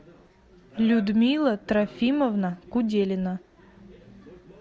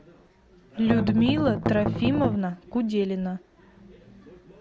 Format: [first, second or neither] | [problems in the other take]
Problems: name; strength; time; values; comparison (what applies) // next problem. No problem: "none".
first | background sound (Strum); as loud as the speech